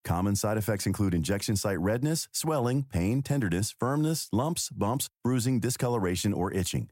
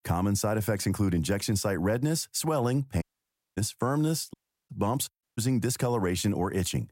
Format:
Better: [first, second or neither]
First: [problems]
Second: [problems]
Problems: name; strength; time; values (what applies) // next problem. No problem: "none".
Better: first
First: none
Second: audio cutting out; at 3 s for 0.5 s, at 4.5 s and at 5 s